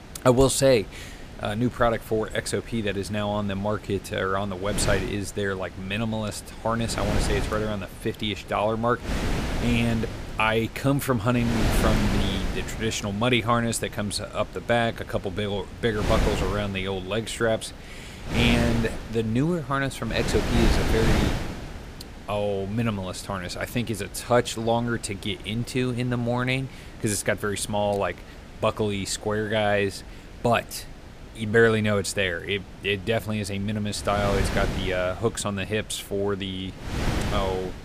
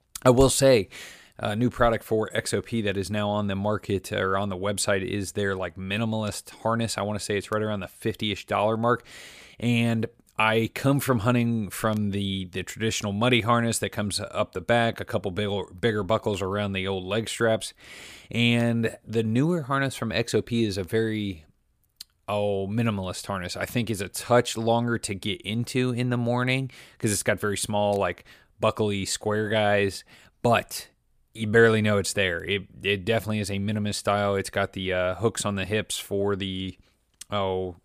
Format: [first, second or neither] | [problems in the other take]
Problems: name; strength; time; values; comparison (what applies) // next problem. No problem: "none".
second | wind noise on the microphone; heavy; 9 dB below the speech